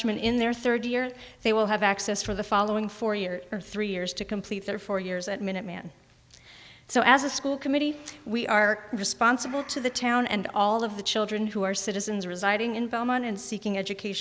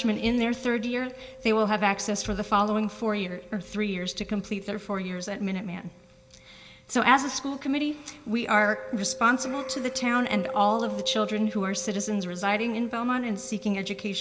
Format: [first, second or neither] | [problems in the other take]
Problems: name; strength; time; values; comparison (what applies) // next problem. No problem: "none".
first | background sound (Mallet percussion); 14 dB below the speech // room echo; dies away in 0.3 s